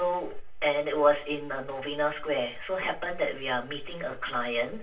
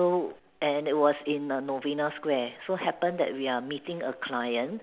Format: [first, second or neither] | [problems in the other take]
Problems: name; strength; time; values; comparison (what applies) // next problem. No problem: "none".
second | room echo; dies away in 0.2 s